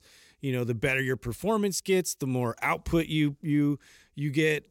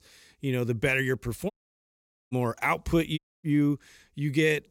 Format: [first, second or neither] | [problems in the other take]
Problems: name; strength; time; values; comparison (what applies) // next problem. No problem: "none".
first | audio cutting out; at 1.5 s for 1 s and at 3 s